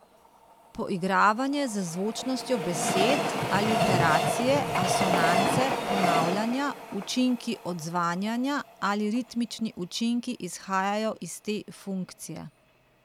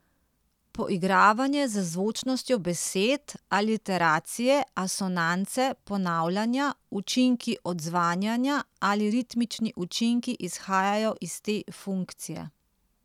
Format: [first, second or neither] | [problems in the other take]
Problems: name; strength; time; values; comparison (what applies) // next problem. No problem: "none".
second | background sound (Train); 2 dB below the speech